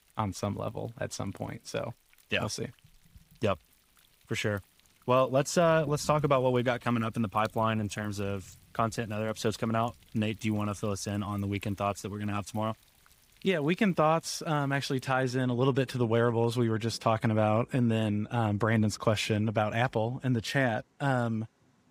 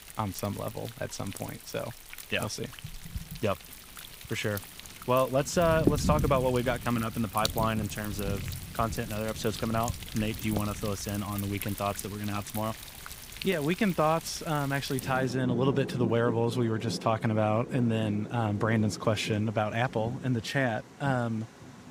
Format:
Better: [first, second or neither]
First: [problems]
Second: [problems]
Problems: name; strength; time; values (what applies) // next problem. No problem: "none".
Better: first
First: rain or running water; faint; throughout; 25 dB below the speech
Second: rain or running water; loud; throughout; 8 dB below the speech